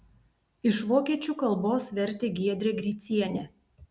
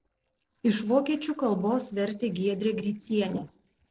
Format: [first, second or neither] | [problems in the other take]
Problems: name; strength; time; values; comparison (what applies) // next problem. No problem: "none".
first | noise reduction (neural separator model SepFormer DNS4)